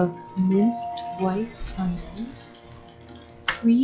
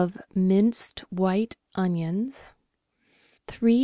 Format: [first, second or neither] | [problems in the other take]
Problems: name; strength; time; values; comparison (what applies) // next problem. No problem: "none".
second | noise reduction (classical method log-MMSE)